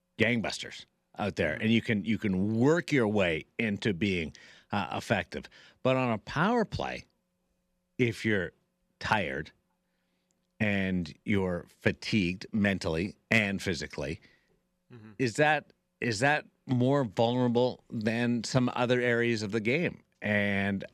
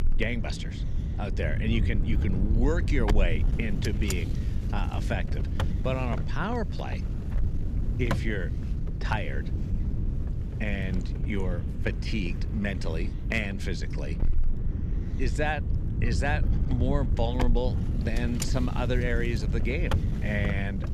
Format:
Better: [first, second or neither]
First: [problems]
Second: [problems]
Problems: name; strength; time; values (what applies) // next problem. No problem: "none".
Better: first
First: none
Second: wind noise on the microphone; heavy; 8 dB below the speech